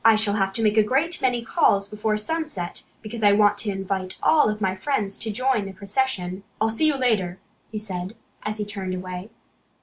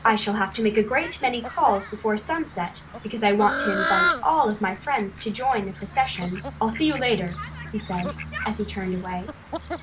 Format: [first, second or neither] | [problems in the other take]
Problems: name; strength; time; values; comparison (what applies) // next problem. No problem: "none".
first | background sound (Fowl); 7 dB below the speech